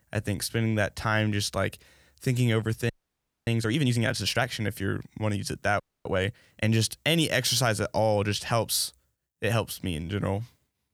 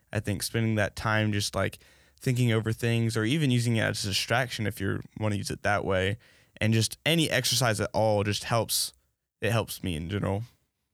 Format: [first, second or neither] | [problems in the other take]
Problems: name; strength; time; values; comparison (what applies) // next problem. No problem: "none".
second | audio freezing; at 3 s for 0.5 s and at 6 s